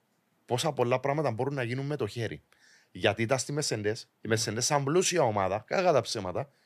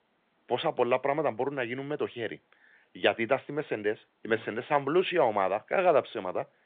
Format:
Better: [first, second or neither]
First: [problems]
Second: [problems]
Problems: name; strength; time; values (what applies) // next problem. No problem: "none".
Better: first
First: none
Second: phone-call audio